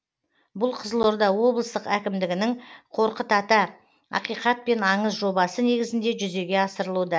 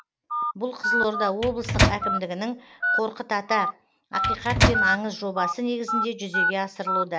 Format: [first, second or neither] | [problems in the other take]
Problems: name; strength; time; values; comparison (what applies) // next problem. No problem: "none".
first | background sound (Telephone + Microwave oven); 3 dB above the speech